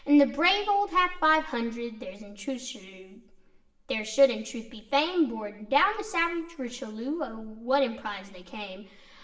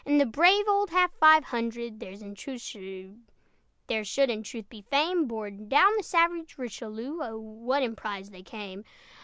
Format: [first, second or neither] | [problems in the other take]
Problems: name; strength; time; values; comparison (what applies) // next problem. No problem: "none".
second | room echo; dies away in 0.7 s